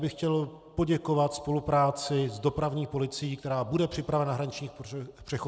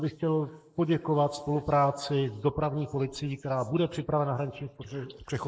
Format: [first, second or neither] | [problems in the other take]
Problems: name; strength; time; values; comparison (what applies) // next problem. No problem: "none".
first | noise reduction (neural mask model Resemble Enhance denoiser)